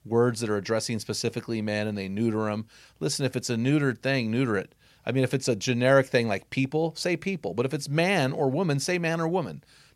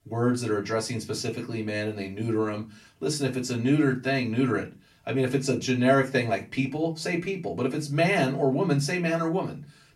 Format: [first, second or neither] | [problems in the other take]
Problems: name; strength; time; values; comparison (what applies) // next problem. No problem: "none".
first | off-mic speech; far // room echo; very slight; dies away in 0.2 s